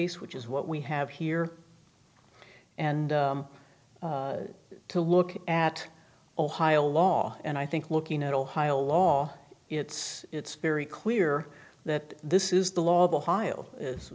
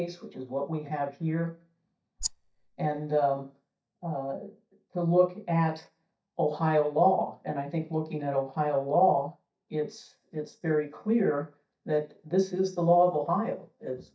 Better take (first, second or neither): first